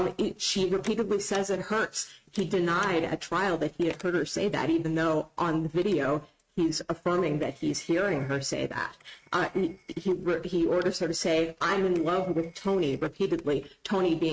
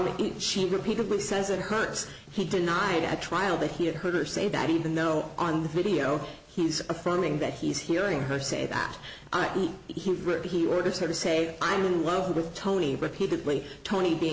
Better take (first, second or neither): second